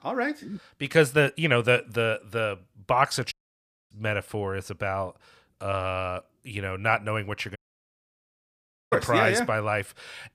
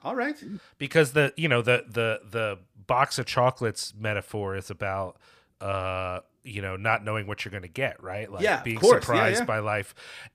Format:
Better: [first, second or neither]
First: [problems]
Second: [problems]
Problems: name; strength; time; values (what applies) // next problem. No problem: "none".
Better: second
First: audio cutting out; at 3.5 s for 0.5 s and at 7.5 s for 1.5 s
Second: none